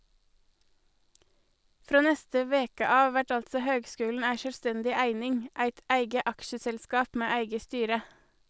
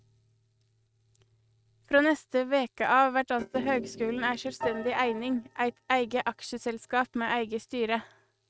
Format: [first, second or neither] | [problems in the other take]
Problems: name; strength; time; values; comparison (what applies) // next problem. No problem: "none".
first | noise reduction (neural mask model RNNoise)